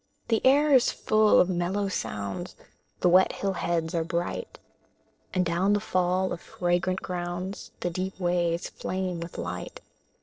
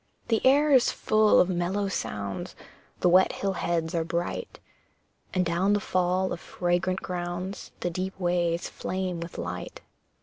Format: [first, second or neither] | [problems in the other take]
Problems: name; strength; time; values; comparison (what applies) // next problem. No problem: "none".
second | noise reduction (neural separator model SepFormer DNS4)